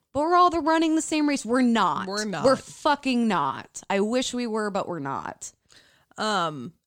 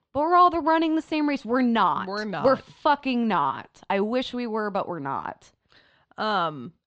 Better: first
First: none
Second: muffled; slightly; fading above 4 kHz

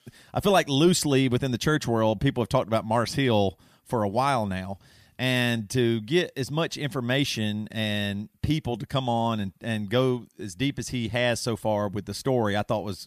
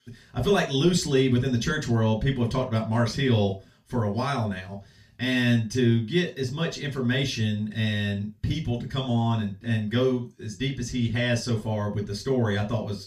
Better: first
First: none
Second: room echo; slight; dies away in 0.2 s // off-mic speech; far

